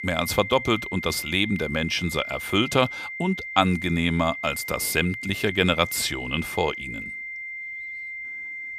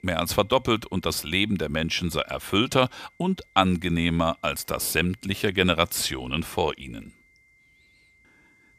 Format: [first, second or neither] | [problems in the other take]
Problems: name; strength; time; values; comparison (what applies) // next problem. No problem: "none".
second | high-pitched whine; loud; throughout; 2 kHz, 8 dB below the speech; faint in the second